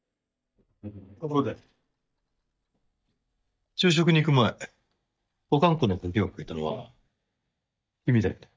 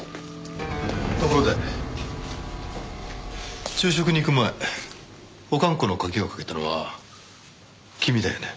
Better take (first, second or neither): second